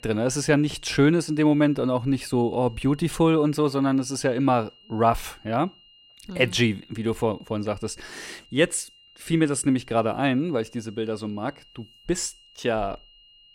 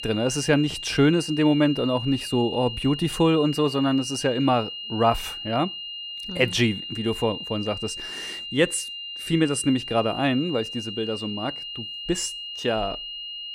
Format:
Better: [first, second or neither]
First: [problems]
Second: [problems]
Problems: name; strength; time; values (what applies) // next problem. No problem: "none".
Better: first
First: high-pitched whine; faint; throughout; 3 kHz, 30 dB below the speech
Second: high-pitched whine; loud; throughout; 3 kHz, 8 dB below the speech